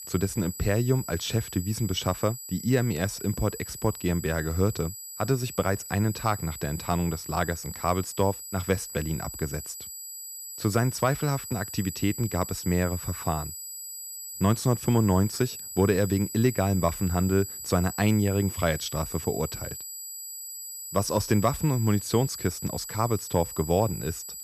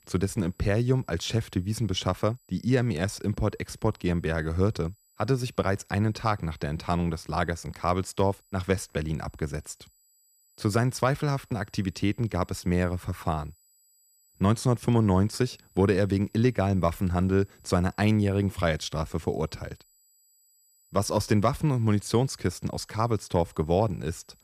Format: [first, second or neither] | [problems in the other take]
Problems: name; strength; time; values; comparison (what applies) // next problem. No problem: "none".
second | high-pitched whine; loud; throughout; 8 kHz, 9 dB below the speech; faint in the second